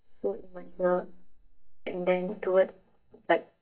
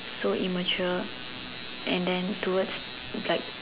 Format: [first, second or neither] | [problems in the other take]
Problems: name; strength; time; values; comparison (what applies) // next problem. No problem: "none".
second | noise reduction (neural mask model DeepFilterNet 3)